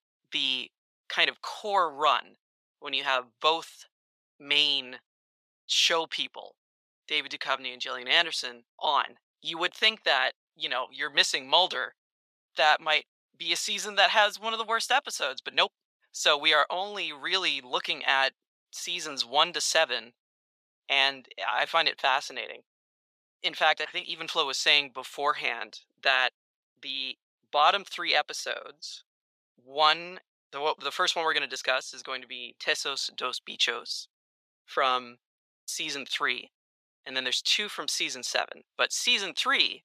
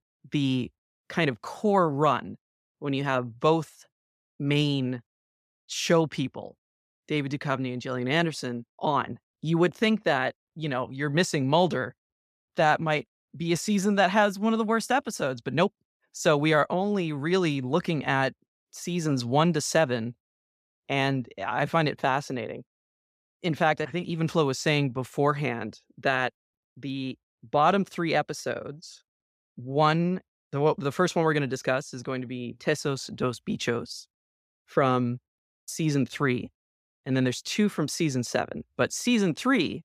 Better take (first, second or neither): second